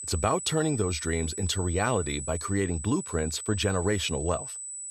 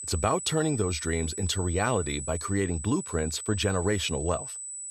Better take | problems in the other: neither | high-pitched whine; loud; throughout; 8 kHz, 7 dB below the speech; the same in both

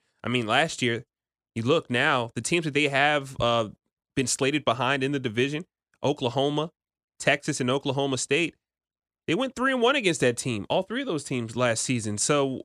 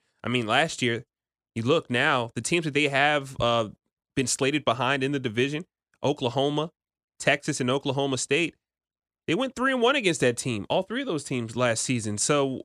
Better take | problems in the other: neither | none

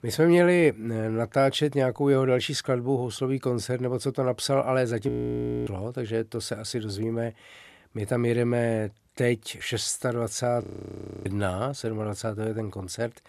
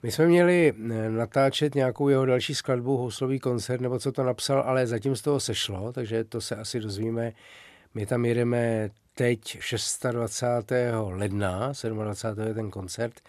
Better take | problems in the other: second | audio freezing; at 5 s for 0.5 s and at 11 s for 0.5 s

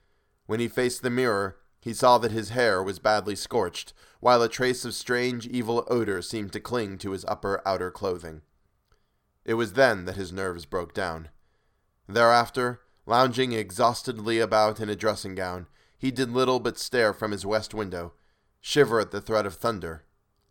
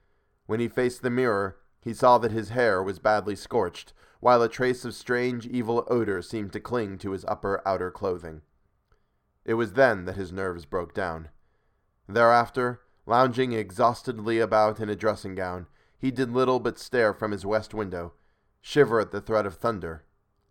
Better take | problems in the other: first | muffled; slightly; fading above 2.5 kHz

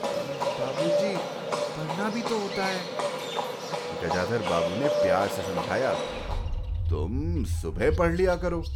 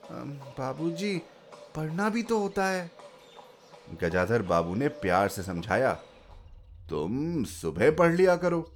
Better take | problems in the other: second | animal sounds; loud; throughout; as loud as the speech; faint in the second

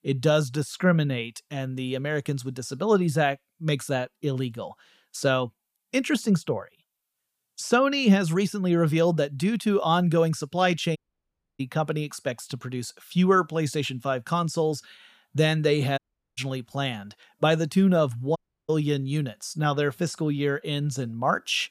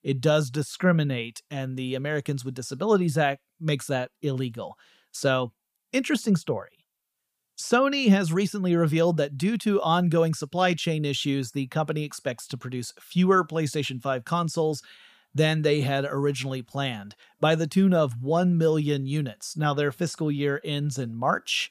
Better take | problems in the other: second | audio cutting out; at 11 s for 0.5 s, at 16 s and at 18 s

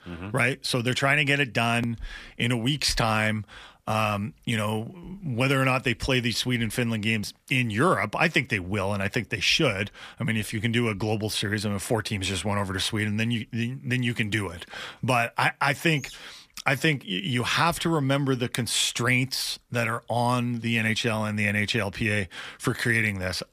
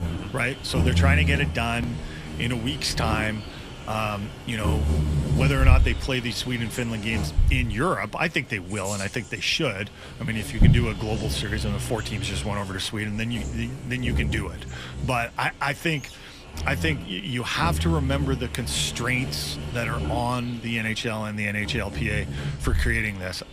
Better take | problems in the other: first | animal sounds; loud; throughout; 1 dB below the speech

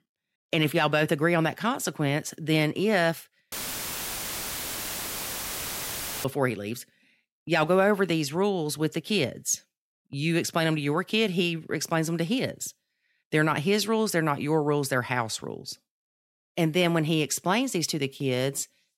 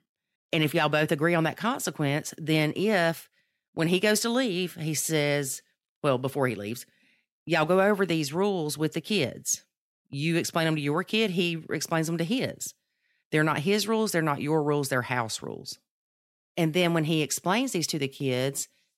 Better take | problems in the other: second | audio cutting out; filled with static; at 3.5 s for 2.5 s

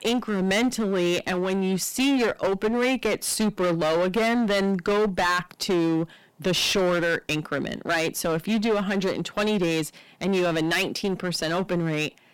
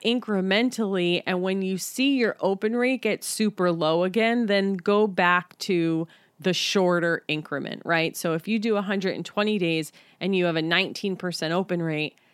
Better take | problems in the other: second | distortion; heavy; 18% of the sound clipped

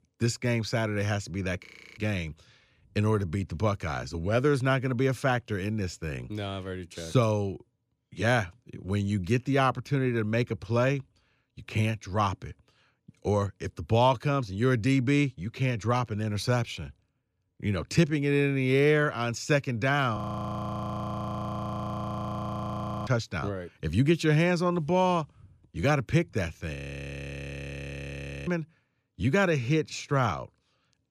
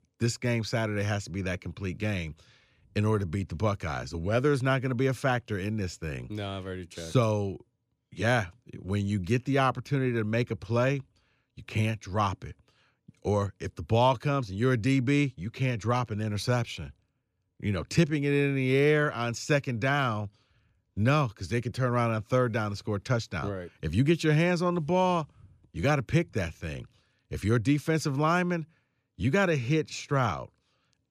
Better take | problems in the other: second | audio freezing; at 1.5 s, at 20 s for 3 s and at 27 s for 1.5 s

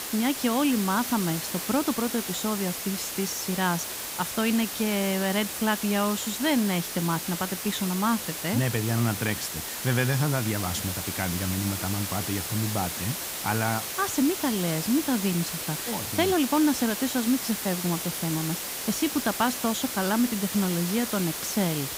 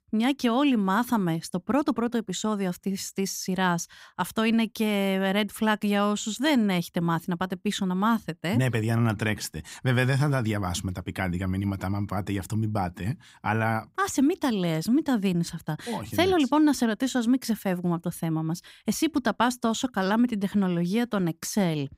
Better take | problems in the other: second | hiss; loud; throughout; 4 dB below the speech

